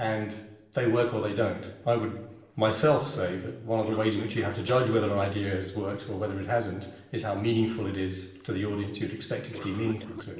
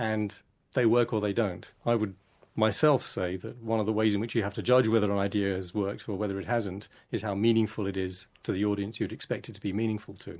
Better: second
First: noise reduction (neural separator model SepFormer DNS4)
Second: none

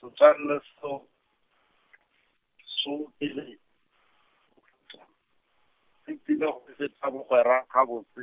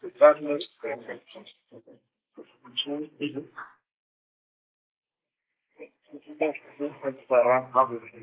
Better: first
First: none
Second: noise reduction (neural mask model Resemble Enhance denoiser)

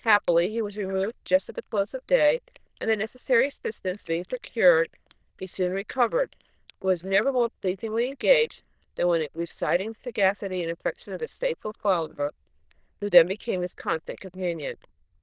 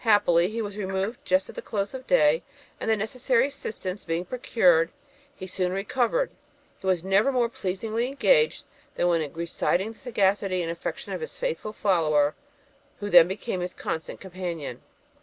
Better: second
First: noise reduction (neural diffusion model UNIVERSE++)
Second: none

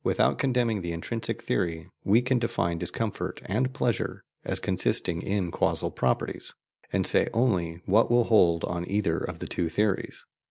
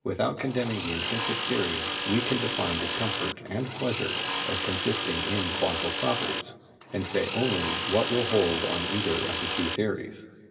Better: first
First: none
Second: background sound (Tools); 2 dB below the speech // room echo; dies away in 1.6 s

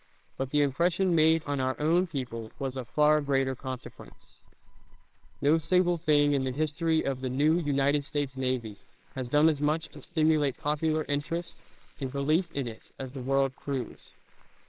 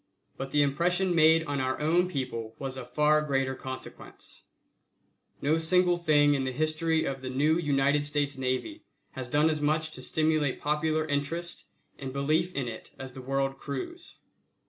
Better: second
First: noise reduction (neural separator model SepFormer WHAMR!)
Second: none

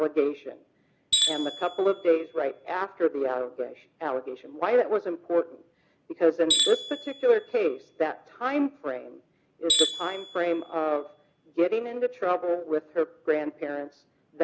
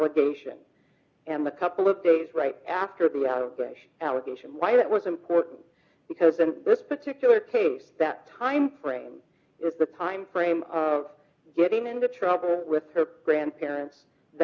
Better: second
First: background sound (Tools); 5 dB below the speech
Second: none

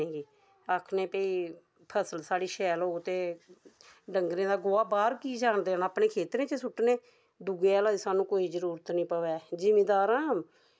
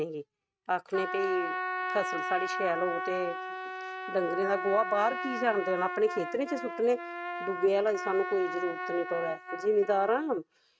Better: first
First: none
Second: noise reduction (neural mask model RNNoise)

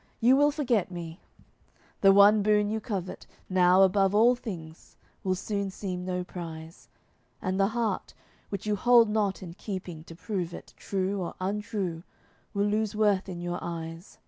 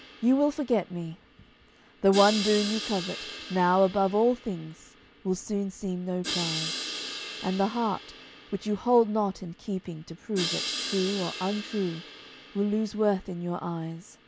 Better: first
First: none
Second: background sound (Crash cymbal); 10 dB below the speech

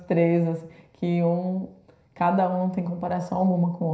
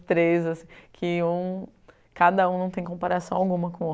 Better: second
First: room echo; dies away in 0.5 s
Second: none

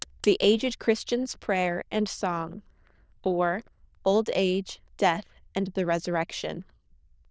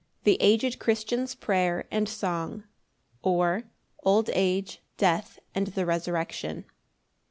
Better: second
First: noise reduction (neural diffusion model UNIVERSE++)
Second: none

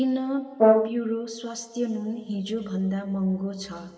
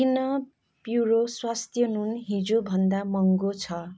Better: second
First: background sound (Brass instrument); 3 dB above the speech // room echo; dies away in 2.7 s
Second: none

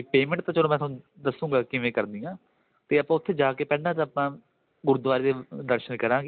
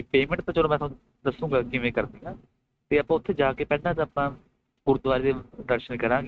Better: first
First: none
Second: noise reduction (neural mask model RNNoise)

